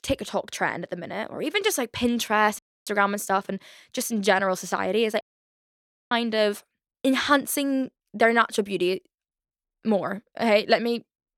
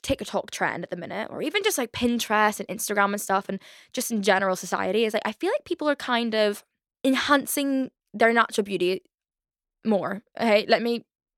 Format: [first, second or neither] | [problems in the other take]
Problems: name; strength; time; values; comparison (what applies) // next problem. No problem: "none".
second | audio cutting out; at 2.5 s and at 5 s for 1 s